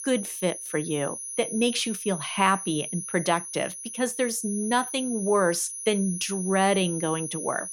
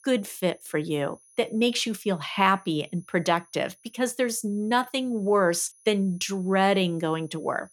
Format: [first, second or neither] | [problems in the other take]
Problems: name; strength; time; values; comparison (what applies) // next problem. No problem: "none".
second | high-pitched whine; loud; throughout; 10.5 kHz, 7 dB below the speech; faint in the second